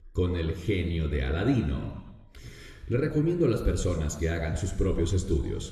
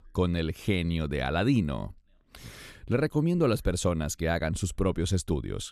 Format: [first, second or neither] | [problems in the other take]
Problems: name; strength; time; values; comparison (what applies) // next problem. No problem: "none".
second | room echo; slight; dies away in 1.2 s // off-mic speech; somewhat distant